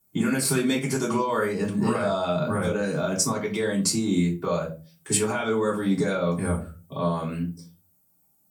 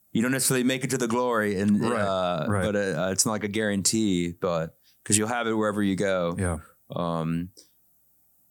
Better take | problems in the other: second | off-mic speech; far // room echo; very slight; dies away in 0.3 s

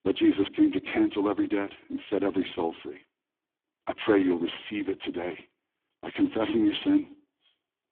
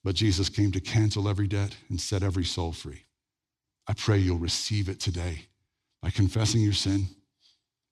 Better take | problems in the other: second | phone-call audio; poor line; nothing above 8 kHz

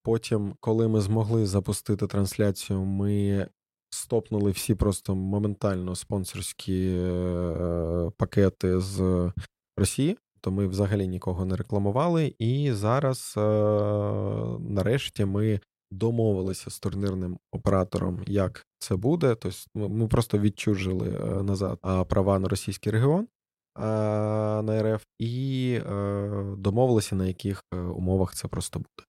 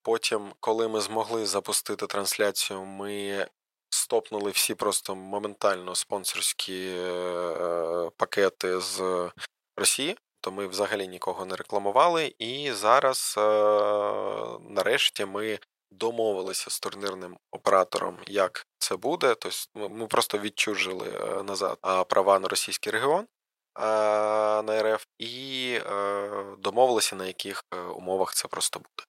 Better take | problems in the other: first | thin; very; fading below 750 Hz

